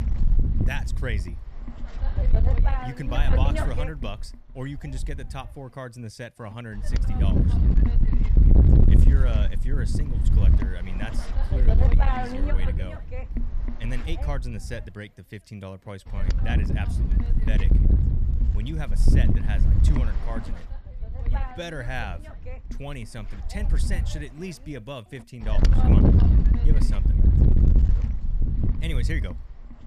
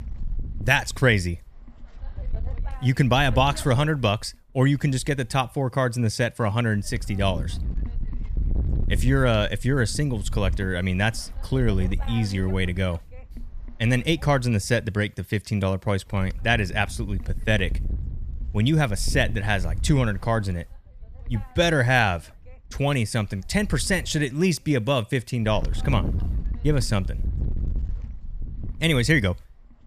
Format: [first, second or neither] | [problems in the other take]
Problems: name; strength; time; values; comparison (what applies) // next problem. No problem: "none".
second | wind noise on the microphone; heavy; 2 dB above the speech; occasional gusts in the second